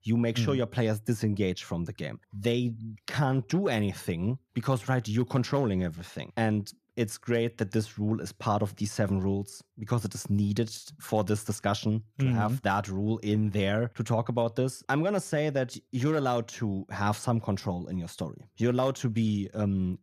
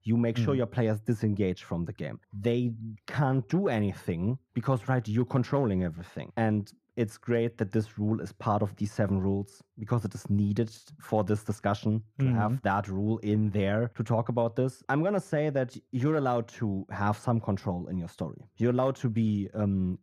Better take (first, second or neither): first